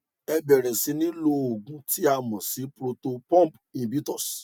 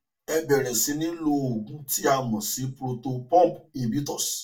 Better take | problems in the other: first | room echo; dies away in 0.2 s

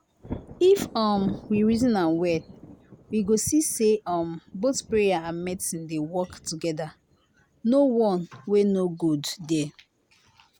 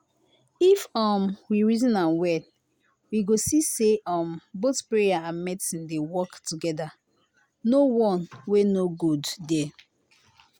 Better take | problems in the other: second | background sound (Thunder); 18 dB below the speech

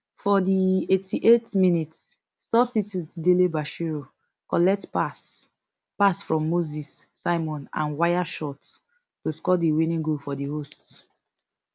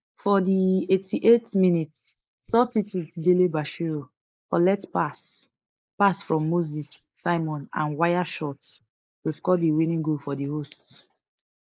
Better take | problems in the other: first | noise reduction (neural mask model Resemble Enhance denoiser)

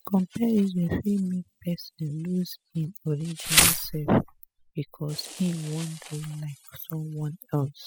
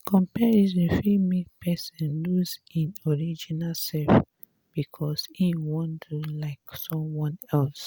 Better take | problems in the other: second | noise reduction (classical method spectral subtraction)

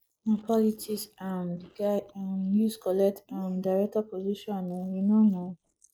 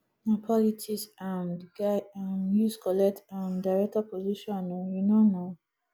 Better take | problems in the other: second | noise reduction (neural mask model Resemble Enhance denoiser)

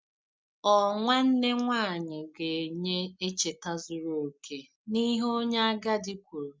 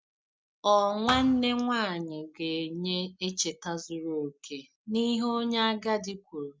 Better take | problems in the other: first | background sound (Thump, thud); 11 dB below the speech

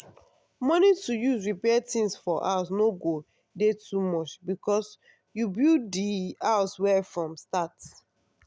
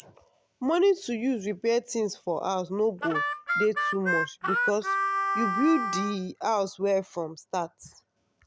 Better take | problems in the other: first | background sound (Harmonica); as loud as the speech

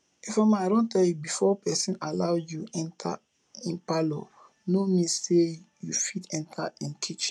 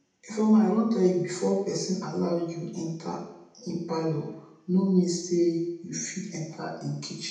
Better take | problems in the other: first | room echo; dies away in 0.8 s

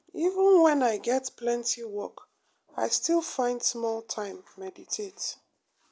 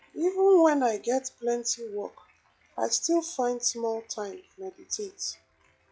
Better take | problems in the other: first | noise reduction (classical method log-MMSE)

